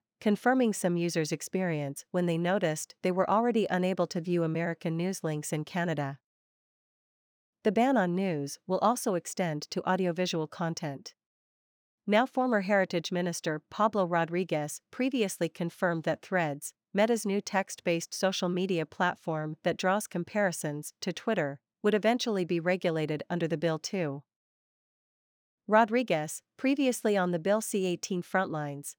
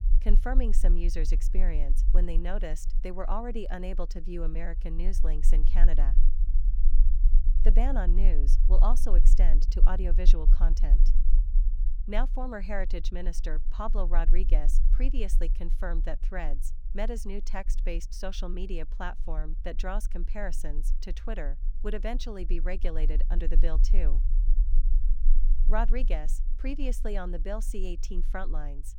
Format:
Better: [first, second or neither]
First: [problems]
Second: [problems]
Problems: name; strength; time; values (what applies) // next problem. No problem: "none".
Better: first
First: none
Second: low rumble; noticeable; throughout; 15 dB below the speech